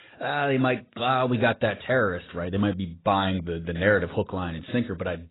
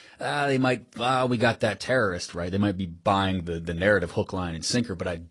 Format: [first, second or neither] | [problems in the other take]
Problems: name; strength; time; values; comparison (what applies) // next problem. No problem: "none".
second | garbled, watery; badly; nothing above 4 kHz; slightly in the second